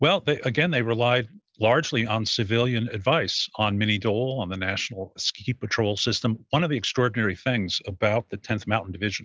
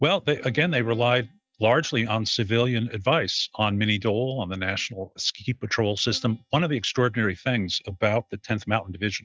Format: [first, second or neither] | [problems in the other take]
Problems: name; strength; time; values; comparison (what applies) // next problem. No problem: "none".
first | noise reduction (neural mask model DeepFilterNet 3)